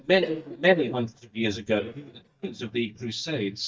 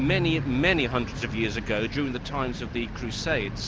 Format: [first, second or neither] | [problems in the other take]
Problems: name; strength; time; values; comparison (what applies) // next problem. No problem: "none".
second | noise reduction (neural mask model DeepFilterNet 3)